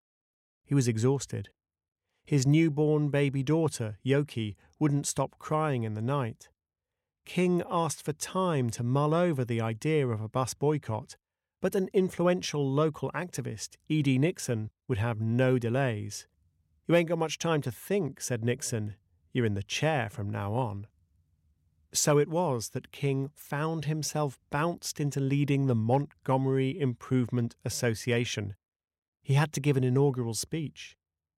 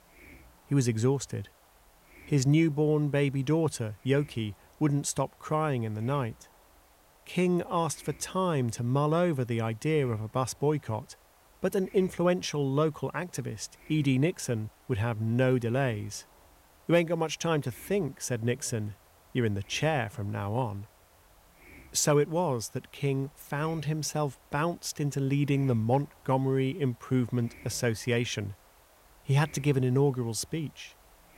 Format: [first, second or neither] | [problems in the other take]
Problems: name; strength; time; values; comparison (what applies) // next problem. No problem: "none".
first | hiss; faint; throughout; 25 dB below the speech